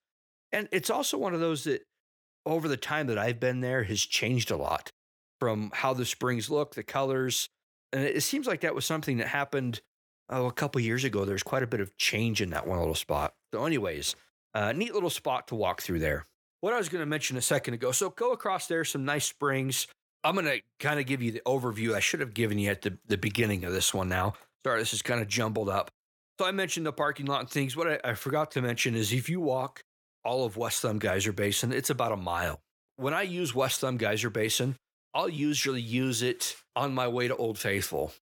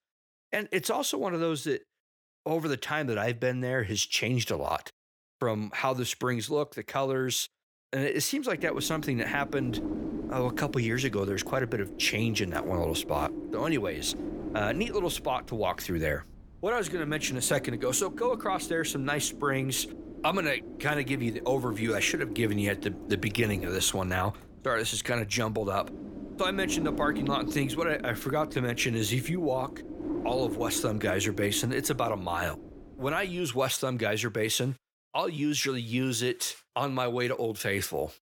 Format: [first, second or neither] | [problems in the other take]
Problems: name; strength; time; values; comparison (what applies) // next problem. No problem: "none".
first | wind noise on the microphone; occasional gusts; from 8.5 to 33 s; 10 dB below the speech